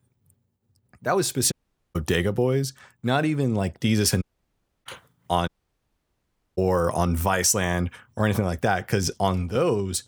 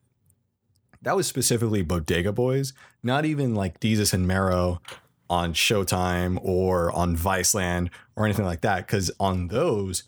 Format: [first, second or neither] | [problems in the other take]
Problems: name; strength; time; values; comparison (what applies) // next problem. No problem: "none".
second | audio cutting out; at 1.5 s, at 4 s for 0.5 s and at 5.5 s for 1 s